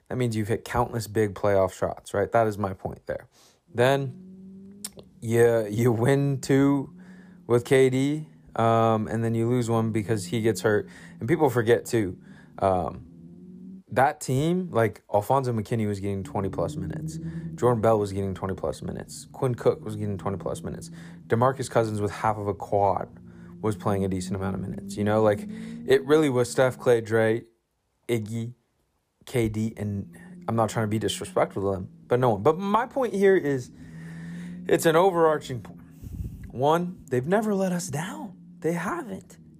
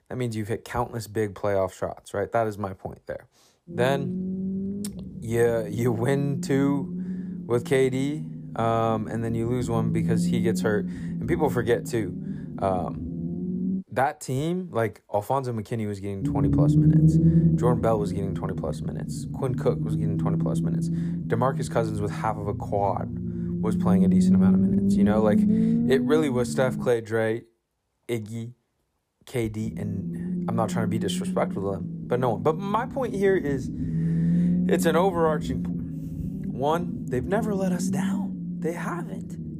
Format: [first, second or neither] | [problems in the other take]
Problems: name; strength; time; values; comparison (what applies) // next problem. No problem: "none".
first | low rumble; loud; from 3.5 to 14 s, from 16 to 27 s and from 30 s on; 6 dB below the speech; faint in the first